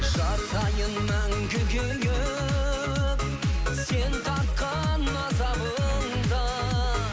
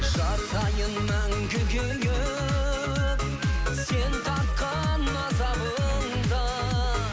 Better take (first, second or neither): first